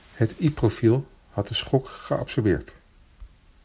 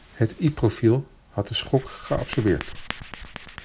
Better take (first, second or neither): first